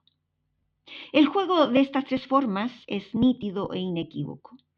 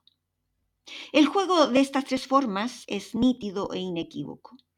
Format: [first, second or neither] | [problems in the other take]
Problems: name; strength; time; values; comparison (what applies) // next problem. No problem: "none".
second | muffled; slightly; fading above 3.5 kHz